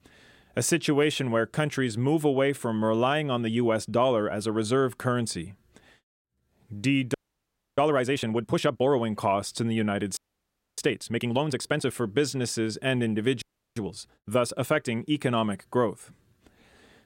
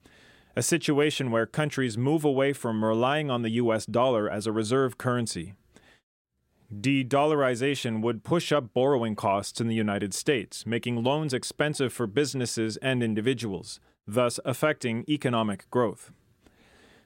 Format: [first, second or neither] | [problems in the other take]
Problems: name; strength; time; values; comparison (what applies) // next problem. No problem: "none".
second | audio freezing; at 7 s for 0.5 s, at 10 s for 0.5 s and at 13 s